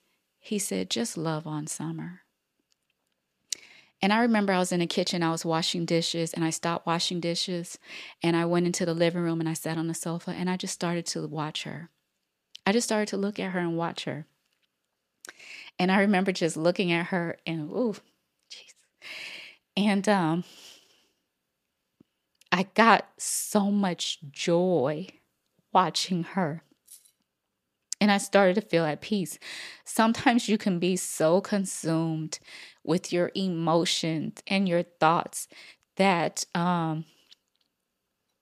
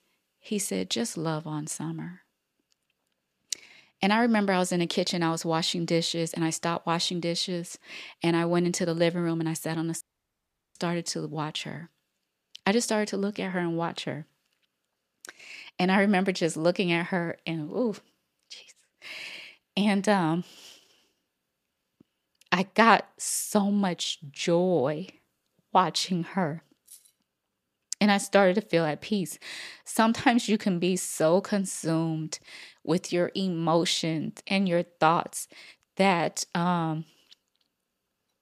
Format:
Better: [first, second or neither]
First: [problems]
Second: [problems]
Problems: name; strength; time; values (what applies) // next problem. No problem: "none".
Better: first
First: none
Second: audio cutting out; at 10 s for 0.5 s